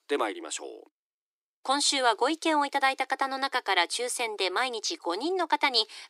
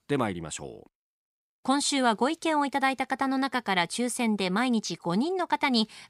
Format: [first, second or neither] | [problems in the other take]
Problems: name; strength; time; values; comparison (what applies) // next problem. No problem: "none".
second | thin; somewhat; fading below 300 Hz